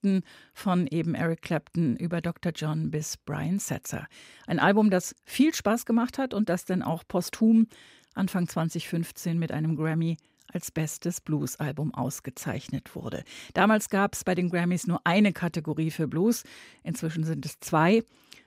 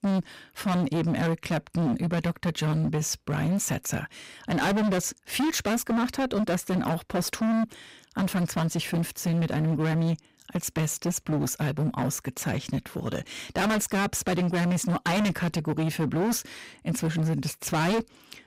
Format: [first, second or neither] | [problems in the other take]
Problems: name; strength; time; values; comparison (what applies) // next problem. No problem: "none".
first | distortion; heavy; 23% of the sound clipped